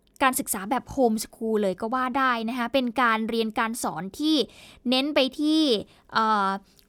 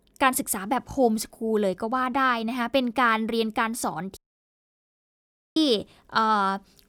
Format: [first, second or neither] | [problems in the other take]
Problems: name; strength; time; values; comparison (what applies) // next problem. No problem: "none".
first | audio cutting out; at 4 s for 1.5 s